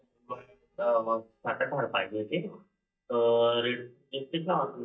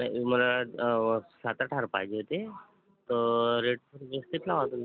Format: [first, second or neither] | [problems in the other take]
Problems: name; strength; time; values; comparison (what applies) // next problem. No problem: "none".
second | noise reduction (neural mask model DeepFilterNet 3)